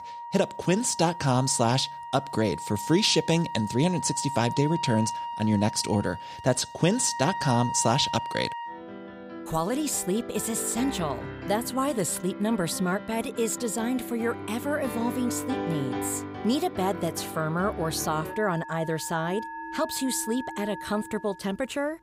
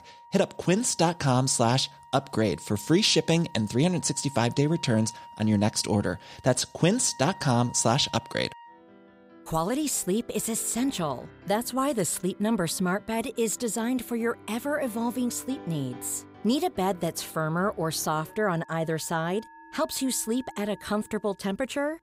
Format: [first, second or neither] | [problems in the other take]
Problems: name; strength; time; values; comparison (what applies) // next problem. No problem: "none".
second | background music; loud; throughout; 9 dB below the speech; faint in the second